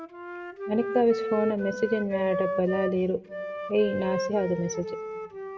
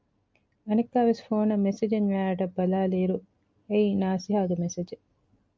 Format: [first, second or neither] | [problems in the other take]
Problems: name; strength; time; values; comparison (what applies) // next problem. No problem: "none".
second | background sound (Wind instrument, woodwind instrument); 5 dB below the speech // room echo; dies away in 0.8 s